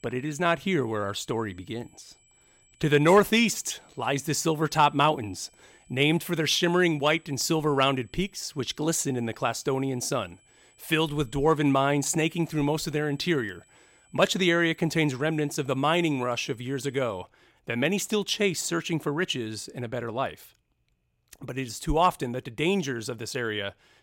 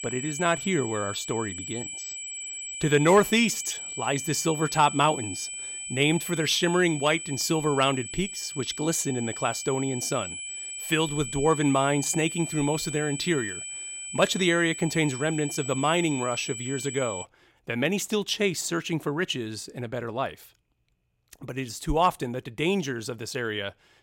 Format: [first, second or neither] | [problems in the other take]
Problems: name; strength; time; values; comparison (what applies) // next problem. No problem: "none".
first | high-pitched whine; loud; until 17 s; 8 kHz, 8 dB below the speech; faint in the first